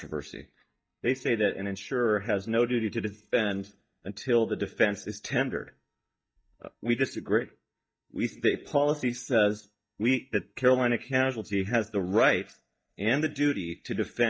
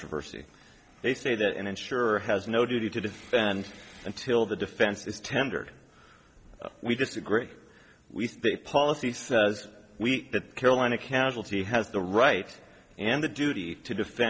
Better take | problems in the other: second | noise reduction (neural mask model DeepFilterNet 3)

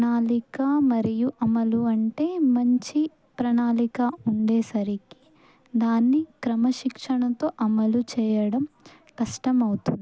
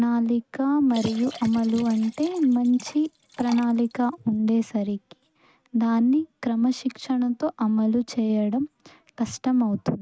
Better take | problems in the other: first | noise reduction (neural mask model RNNoise)

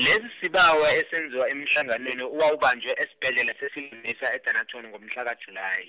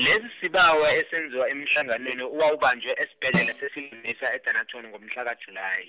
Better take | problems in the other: first | background sound (Snare drum); 11 dB below the speech

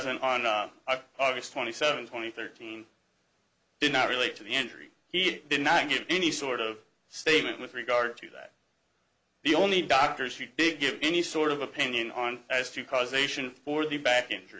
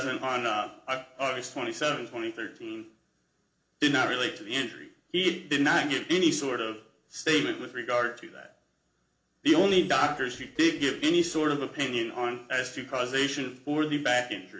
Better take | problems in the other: first | noise reduction (neural separator model SepFormer DNS4)

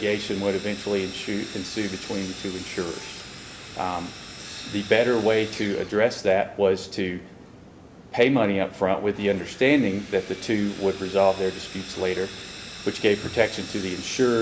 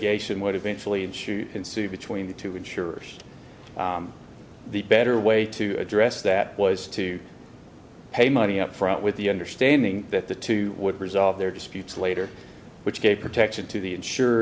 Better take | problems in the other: second | background sound (Sawing); 16 dB below the speech // room echo; dies away in 0.9 s

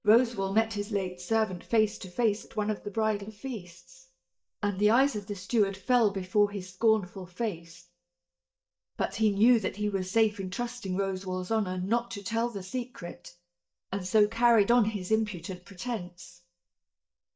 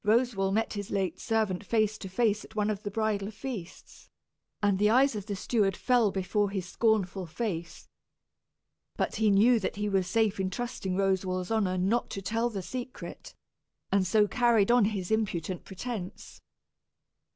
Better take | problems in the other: second | noise reduction (neural mask model DeepFilterNet 3)

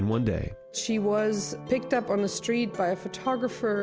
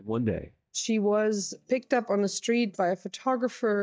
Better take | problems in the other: first | noise reduction (neural mask model DeepFilterNet 3)

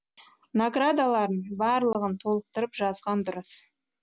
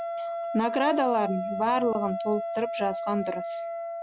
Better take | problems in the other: first | background sound (Wind instrument, woodwind instrument); 4 dB below the speech

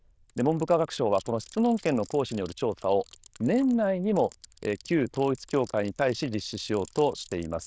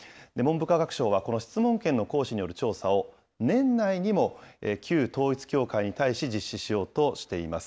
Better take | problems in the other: second | noise reduction (neural diffusion model UNIVERSE++)

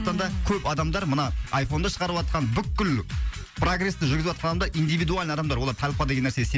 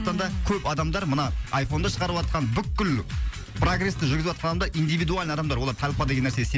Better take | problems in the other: first | background sound (Wood / Tools); 10 dB below the speech

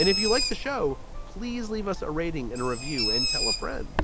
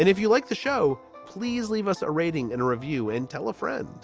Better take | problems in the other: second | background sound (Bird); as loud as the speech

